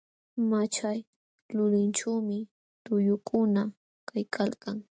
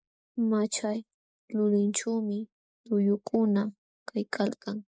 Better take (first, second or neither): first